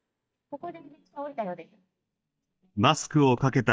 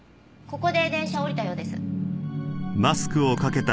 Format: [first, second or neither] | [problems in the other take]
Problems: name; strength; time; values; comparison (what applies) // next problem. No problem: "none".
second | noise reduction (neural mask model DeepFilterNet 3)